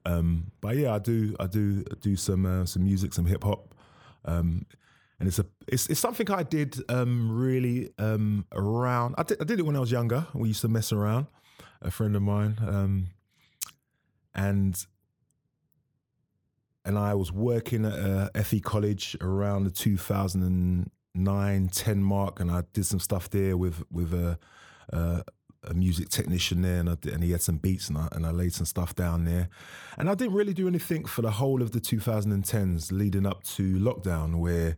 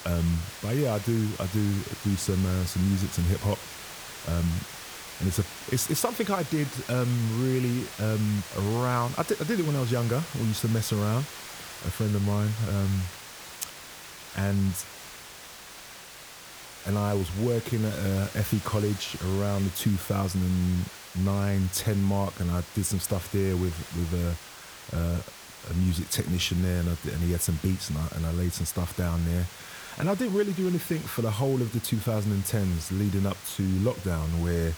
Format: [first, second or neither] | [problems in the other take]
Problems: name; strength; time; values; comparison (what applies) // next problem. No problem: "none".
first | hiss; noticeable; throughout; 10 dB below the speech